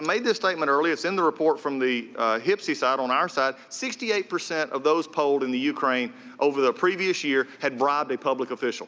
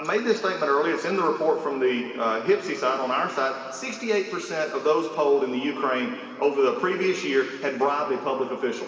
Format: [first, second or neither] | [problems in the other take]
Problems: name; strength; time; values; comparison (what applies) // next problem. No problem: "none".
first | room echo; dies away in 2.2 s